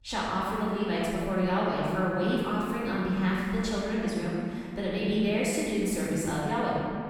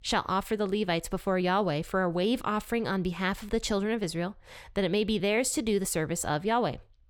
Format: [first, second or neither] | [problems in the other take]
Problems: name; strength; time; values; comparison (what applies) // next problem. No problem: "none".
second | off-mic speech; far // room echo; strong; dies away in 2.2 s